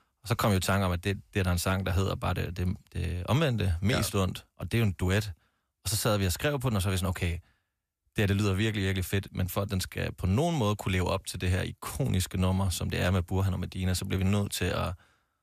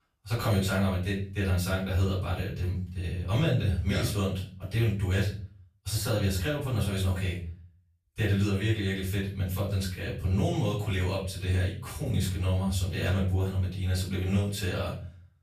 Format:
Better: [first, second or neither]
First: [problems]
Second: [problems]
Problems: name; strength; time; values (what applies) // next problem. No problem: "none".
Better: first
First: none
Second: room echo; noticeable; dies away in 0.4 s // off-mic speech; far